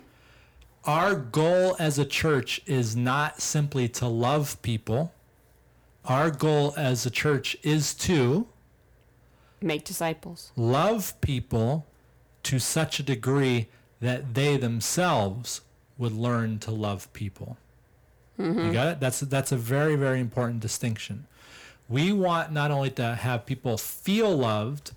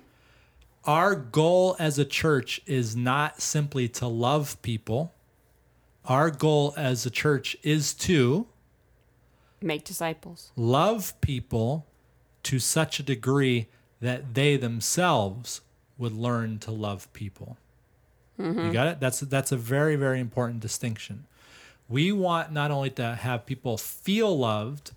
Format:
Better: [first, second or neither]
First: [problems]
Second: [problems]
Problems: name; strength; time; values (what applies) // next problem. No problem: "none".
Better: second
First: distortion; slight; 10 dB below the speech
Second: none